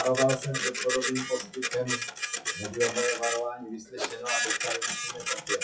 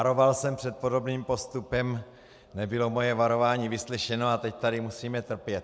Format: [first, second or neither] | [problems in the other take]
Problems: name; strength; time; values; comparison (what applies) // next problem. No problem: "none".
second | noise reduction (classical method WPE with log-MMSE)